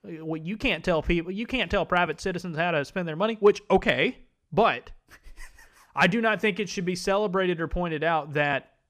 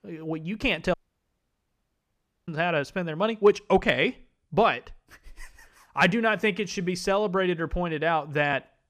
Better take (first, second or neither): first